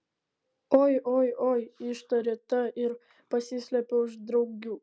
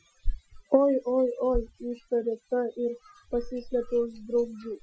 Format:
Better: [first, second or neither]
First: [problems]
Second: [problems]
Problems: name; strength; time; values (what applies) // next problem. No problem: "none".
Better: first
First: none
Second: noise reduction (classical method Wiener filter)